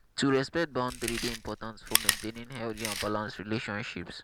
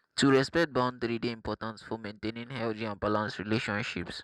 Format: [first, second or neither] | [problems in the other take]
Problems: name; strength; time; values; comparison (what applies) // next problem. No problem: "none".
second | background sound (Chewing, mastication); 3 dB below the speech